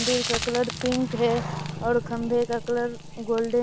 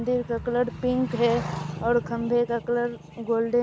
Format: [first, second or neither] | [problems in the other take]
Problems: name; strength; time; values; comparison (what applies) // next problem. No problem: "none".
second | background sound (Frying (food)); 9 dB below the speech